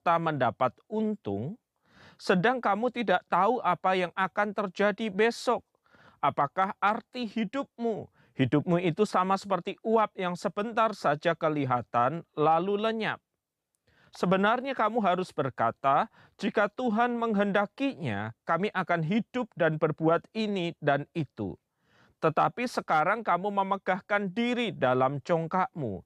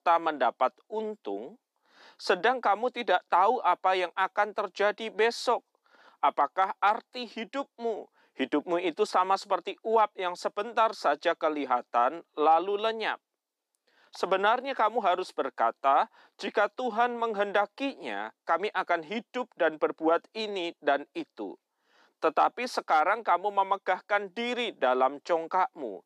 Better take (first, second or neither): first